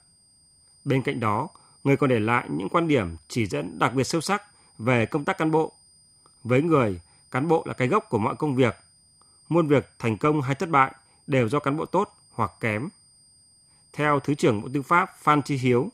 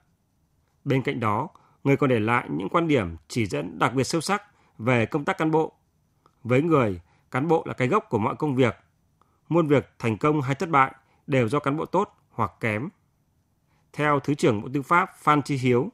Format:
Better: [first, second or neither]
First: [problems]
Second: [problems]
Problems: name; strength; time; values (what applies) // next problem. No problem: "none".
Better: second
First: high-pitched whine; faint; throughout; 9 kHz, 30 dB below the speech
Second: none